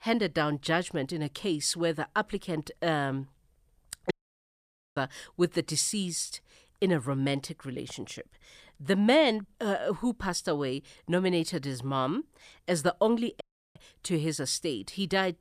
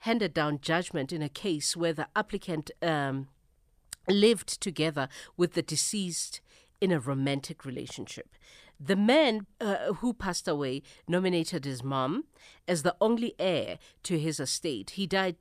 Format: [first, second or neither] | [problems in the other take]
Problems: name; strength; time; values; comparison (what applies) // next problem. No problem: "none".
second | audio cutting out; at 4 s for 1 s and at 13 s